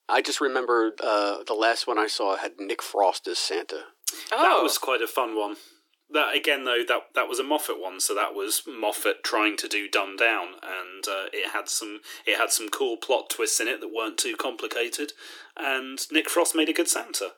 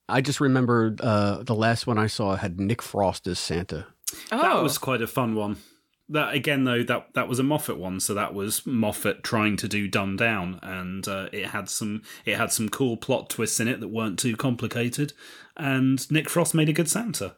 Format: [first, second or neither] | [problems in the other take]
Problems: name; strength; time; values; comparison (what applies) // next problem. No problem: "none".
second | thin; very; fading below 300 Hz